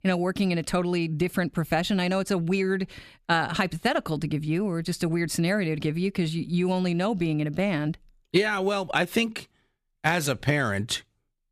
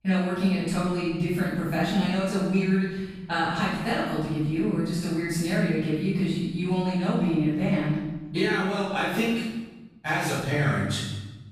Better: first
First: none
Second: off-mic speech; far // room echo; strong; dies away in 1.1 s

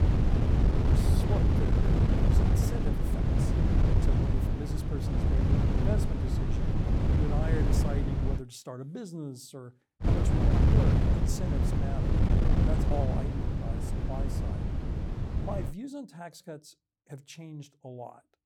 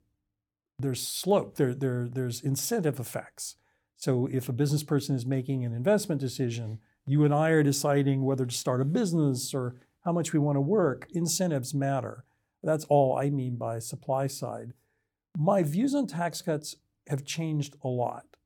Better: second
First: wind noise on the microphone; heavy; until 8.5 s and from 10 to 16 s; 5 dB above the speech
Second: none

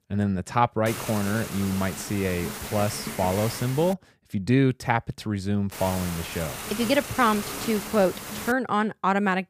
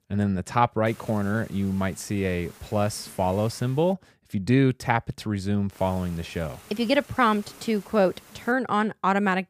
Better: second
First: hiss; loud; from 1 to 4 s and from 5.5 to 8.5 s; 8 dB below the speech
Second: hiss; faint; from 1 to 4 s and from 5.5 to 8.5 s; 25 dB below the speech

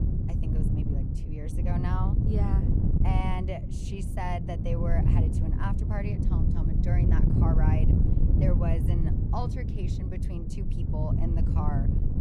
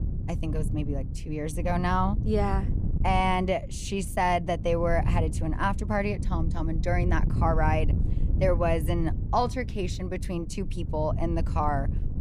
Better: second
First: wind noise on the microphone; heavy; 1 dB below the speech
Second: wind noise on the microphone; occasional gusts; 15 dB below the speech

